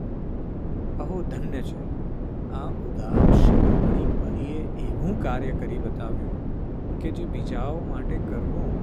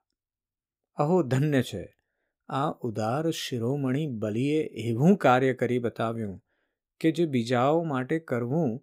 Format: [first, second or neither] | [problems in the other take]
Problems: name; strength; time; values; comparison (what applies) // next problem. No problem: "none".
second | wind noise on the microphone; heavy; 5 dB above the speech